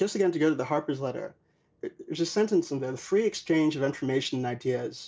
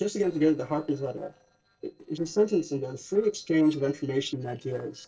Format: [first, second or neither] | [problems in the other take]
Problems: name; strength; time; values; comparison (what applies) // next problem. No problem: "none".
first | noise reduction (neural separator model SepFormer DNS4)